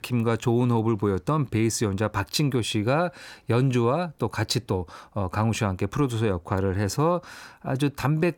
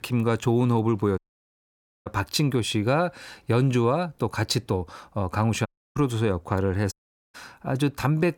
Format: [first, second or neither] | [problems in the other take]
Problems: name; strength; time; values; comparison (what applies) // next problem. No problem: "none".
first | audio cutting out; at 1 s for 1 s, at 5.5 s and at 7 s